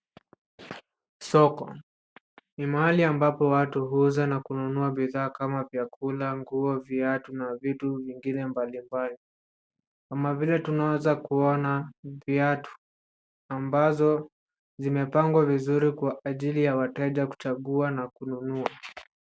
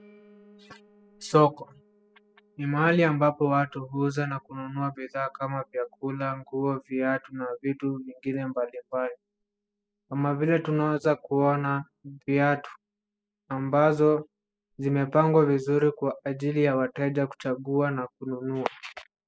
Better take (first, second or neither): first